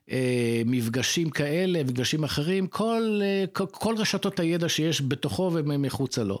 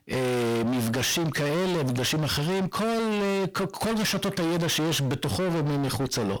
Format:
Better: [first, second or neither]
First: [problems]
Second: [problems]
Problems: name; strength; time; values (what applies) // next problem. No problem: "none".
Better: first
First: none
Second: distortion; heavy; 50% of the sound clipped